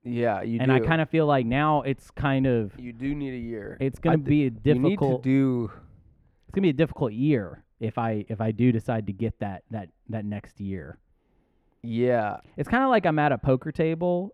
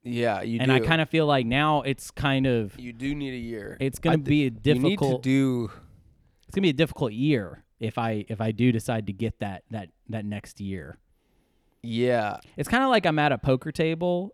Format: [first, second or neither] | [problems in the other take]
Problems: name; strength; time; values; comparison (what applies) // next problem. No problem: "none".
second | muffled; slightly; fading above 3 kHz